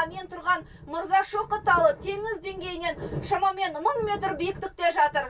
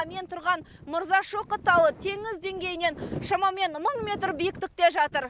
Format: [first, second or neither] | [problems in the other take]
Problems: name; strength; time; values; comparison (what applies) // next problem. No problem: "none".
second | room echo; dies away in 0.1 s